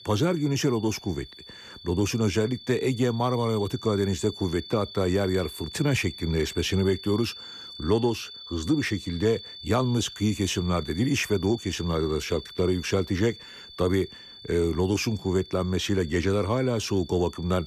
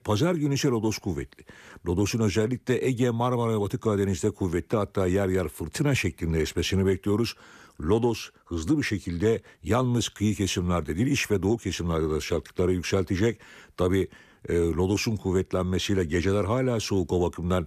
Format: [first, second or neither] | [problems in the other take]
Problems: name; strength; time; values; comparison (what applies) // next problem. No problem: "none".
second | high-pitched whine; noticeable; throughout; 3.5 kHz, 15 dB below the speech